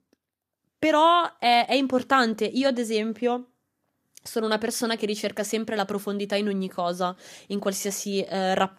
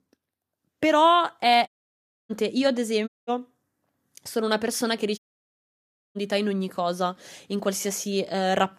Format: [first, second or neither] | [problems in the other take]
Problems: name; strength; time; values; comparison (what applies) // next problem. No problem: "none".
first | audio cutting out; at 1.5 s for 0.5 s, at 3 s and at 5 s for 1 s